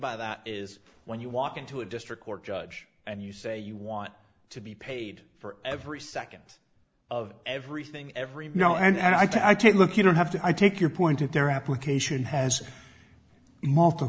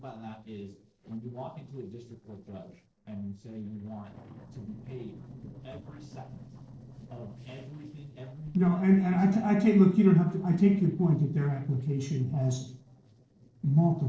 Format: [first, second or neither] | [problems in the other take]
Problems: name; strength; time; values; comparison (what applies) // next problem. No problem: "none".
first | noise reduction (neural separator model SepFormer DNS4)